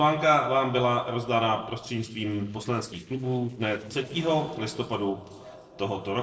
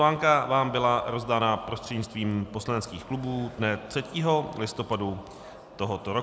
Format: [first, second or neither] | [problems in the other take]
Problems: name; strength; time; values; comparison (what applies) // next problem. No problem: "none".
second | noise reduction (neural separator model SepFormer DNS4)